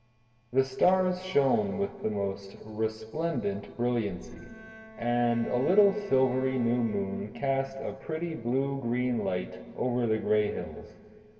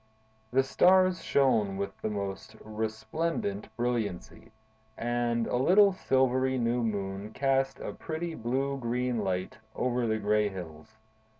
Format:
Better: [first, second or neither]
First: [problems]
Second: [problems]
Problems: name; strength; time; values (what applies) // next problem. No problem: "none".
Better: second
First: background sound (Bowed string instrument); 20 dB below the speech // room echo; dies away in 2 s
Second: none